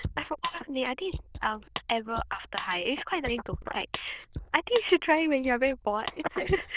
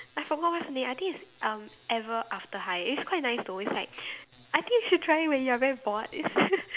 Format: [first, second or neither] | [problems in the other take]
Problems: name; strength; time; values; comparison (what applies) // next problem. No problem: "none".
second | noise reduction (neural diffusion model UNIVERSE++)